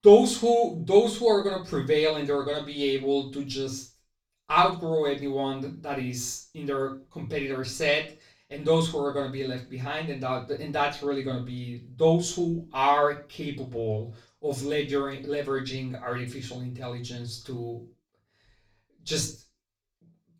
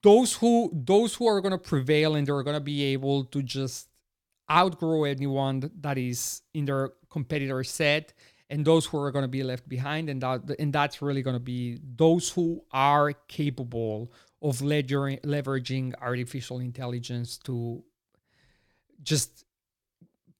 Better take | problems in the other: second | room echo; slight; dies away in 0.3 s // off-mic speech; far

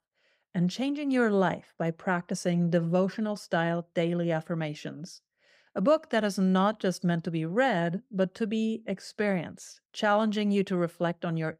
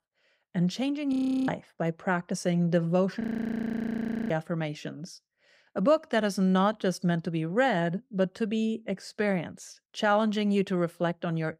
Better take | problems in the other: first | audio freezing; at 1 s and at 3 s for 1 s

